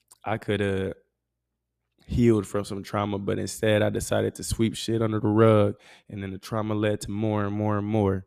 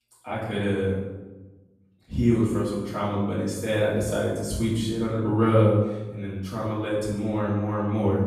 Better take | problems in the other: first | off-mic speech; far // room echo; noticeable; dies away in 0.9 s

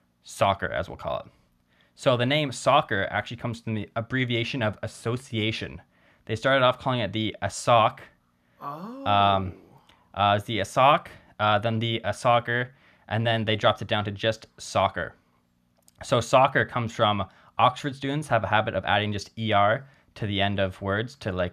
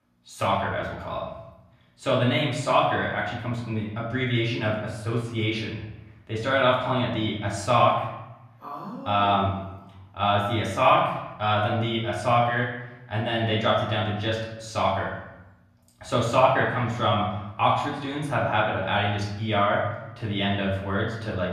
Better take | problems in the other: first | off-mic speech; far // room echo; noticeable; dies away in 0.8 s

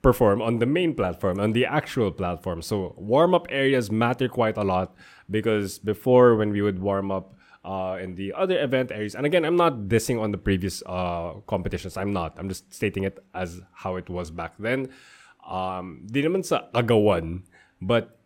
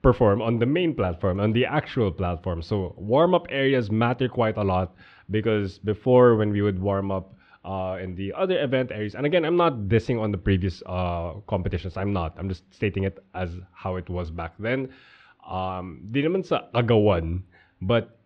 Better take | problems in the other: first | muffled; slightly; fading above 4 kHz

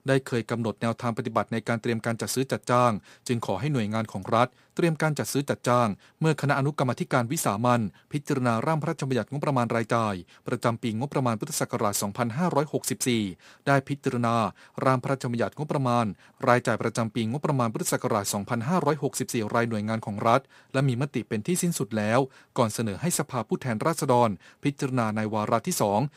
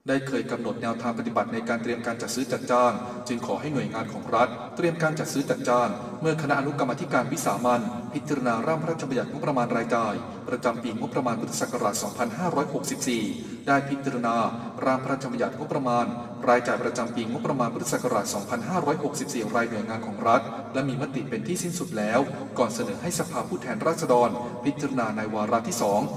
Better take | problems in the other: first | room echo; slight; dies away in 1.8 s // off-mic speech; somewhat distant

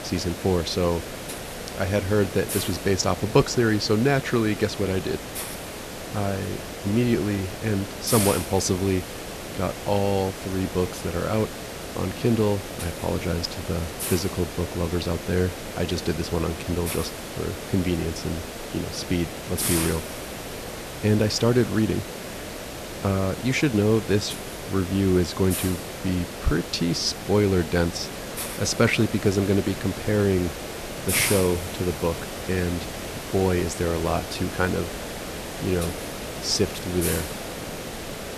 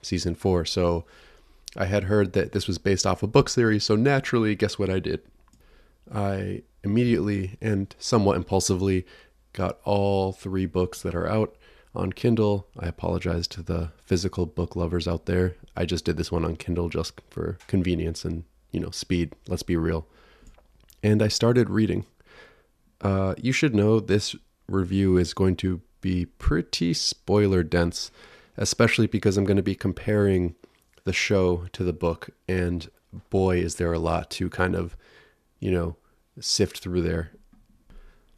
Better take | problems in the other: second | hiss; loud; throughout; 7 dB below the speech

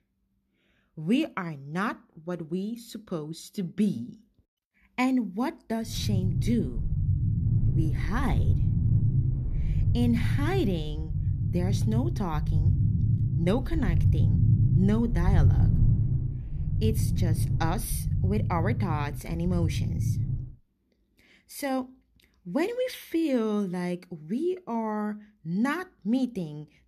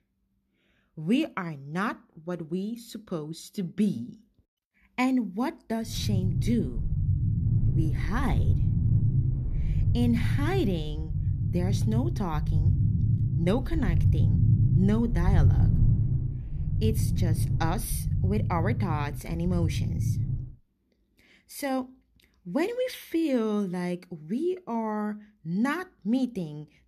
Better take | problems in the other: neither | low rumble; loud; from 6 to 20 s; 6 dB below the speech; the same in both

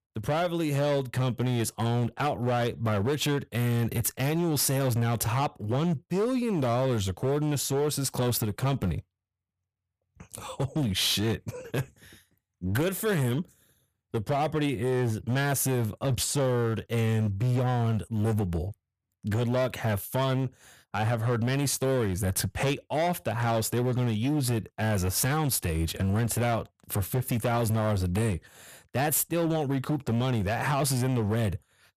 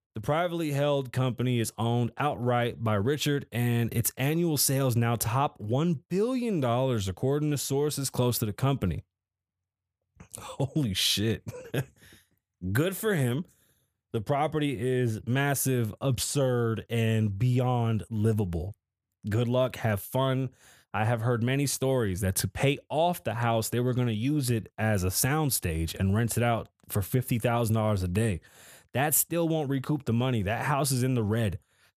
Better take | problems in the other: second | distortion; slight; 16% of the sound clipped

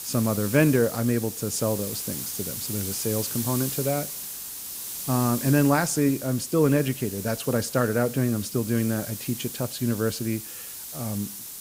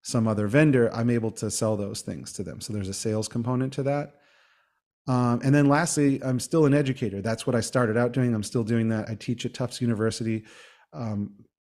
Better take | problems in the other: second | hiss; loud; throughout; 7 dB below the speech

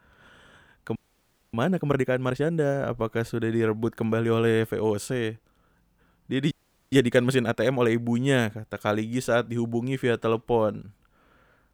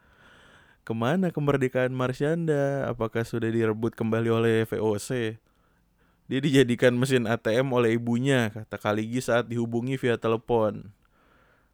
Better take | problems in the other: second | audio freezing; at 1 s for 0.5 s and at 6.5 s

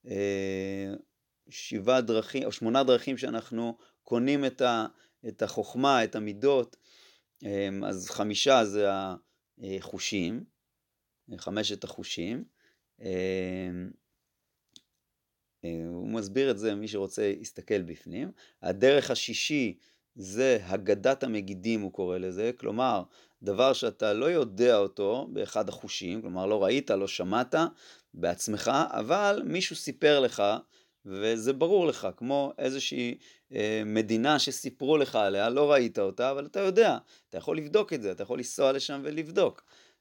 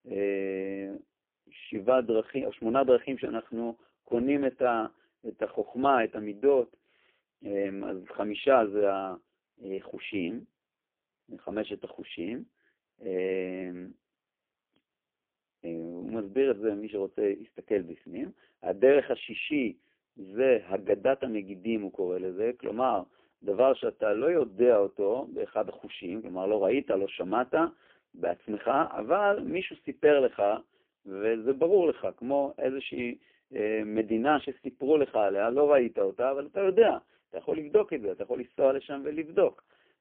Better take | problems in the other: first | phone-call audio; poor line

